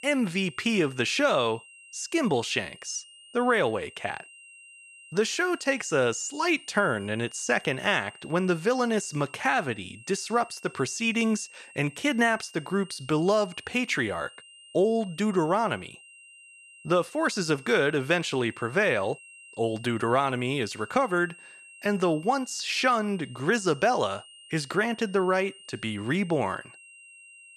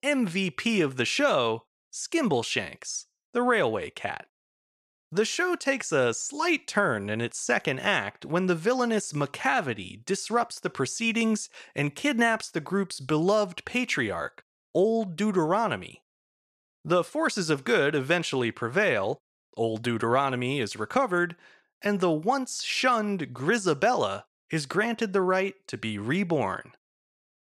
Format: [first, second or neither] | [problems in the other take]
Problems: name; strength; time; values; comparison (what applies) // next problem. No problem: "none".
second | high-pitched whine; faint; throughout; 3 kHz, 20 dB below the speech